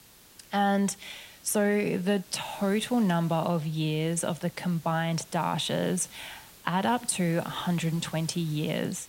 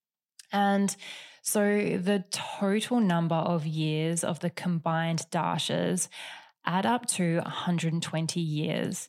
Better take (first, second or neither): second